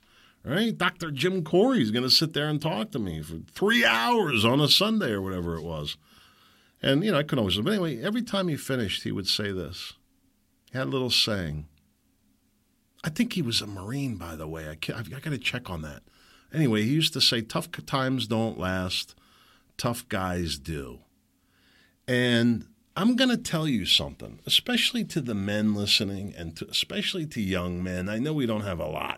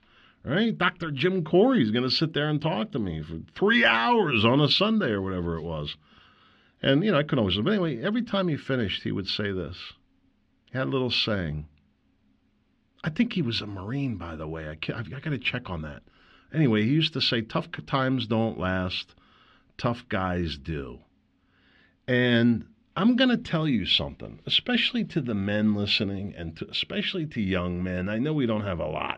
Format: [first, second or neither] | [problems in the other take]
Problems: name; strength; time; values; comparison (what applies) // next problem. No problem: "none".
first | muffled; slightly; fading above 3.5 kHz